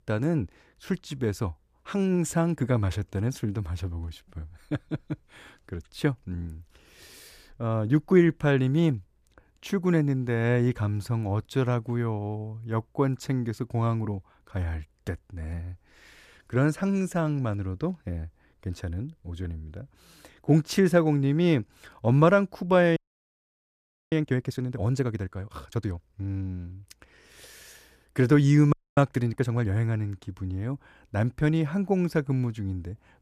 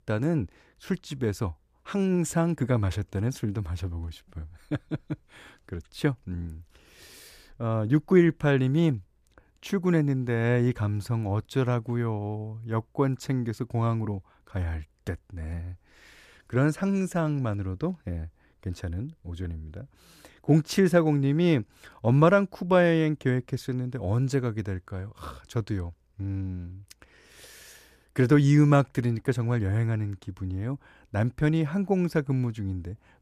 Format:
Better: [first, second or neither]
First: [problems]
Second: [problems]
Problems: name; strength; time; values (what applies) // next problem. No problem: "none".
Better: second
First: audio freezing; at 23 s for 1 s and at 29 s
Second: none